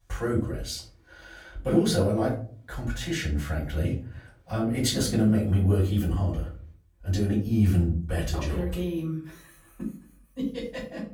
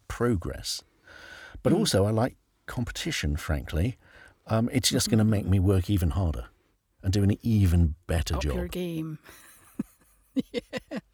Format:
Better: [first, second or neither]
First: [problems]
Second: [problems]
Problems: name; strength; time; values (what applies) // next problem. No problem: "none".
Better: second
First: room echo; slight; dies away in 0.4 s // off-mic speech; far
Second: none